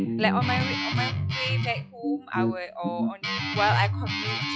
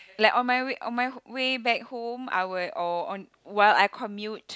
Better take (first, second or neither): second